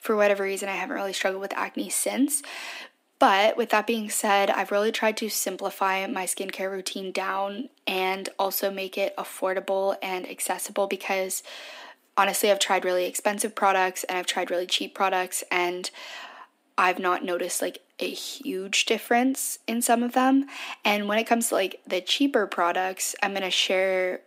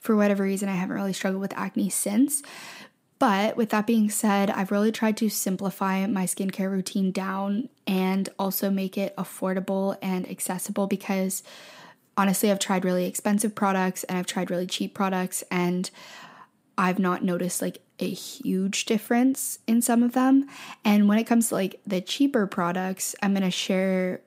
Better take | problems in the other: second | thin; somewhat; fading below 250 Hz

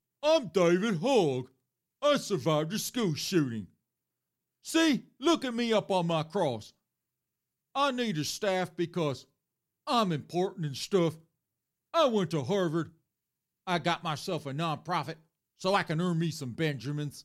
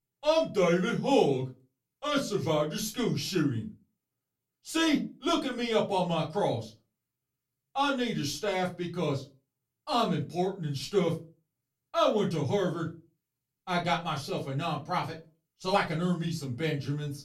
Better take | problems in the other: first | off-mic speech; far // room echo; very slight; dies away in 0.2 s

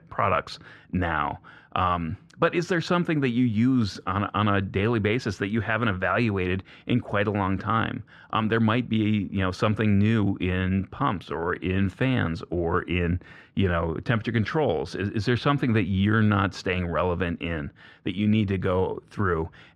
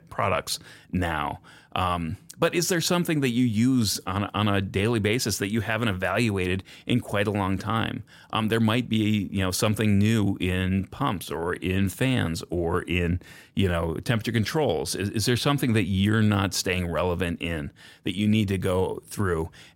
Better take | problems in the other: second | muffled; slightly; fading above 2.5 kHz

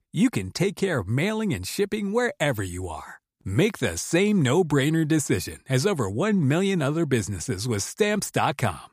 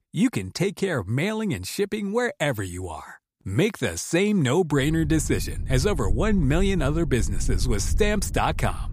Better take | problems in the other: first | low rumble; faint; from 5 s on; 20 dB below the speech

